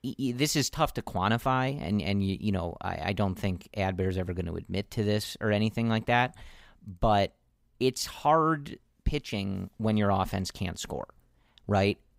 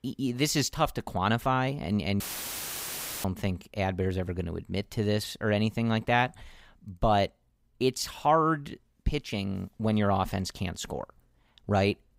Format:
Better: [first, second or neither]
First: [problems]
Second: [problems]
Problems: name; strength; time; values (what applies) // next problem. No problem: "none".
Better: first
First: none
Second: audio cutting out; filled with static; at 2 s for 1 s